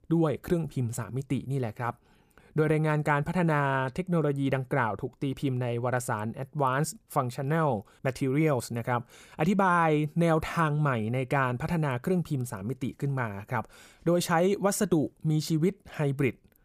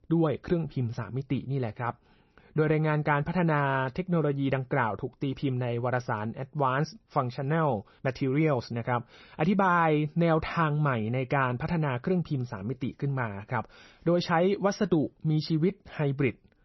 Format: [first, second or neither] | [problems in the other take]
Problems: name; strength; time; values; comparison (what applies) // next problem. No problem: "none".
first | garbled, watery; slightly; nothing above 6 kHz